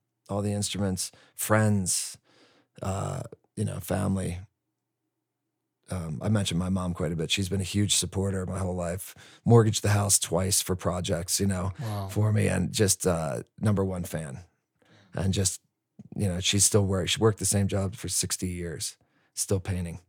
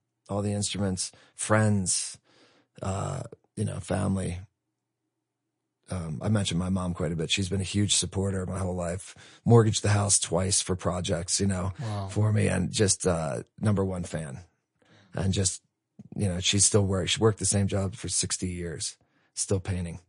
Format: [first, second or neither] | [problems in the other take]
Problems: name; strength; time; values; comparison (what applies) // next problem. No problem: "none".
first | garbled, watery; slightly; nothing above 10.5 kHz